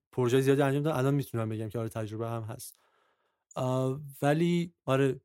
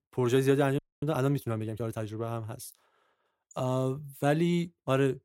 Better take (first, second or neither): first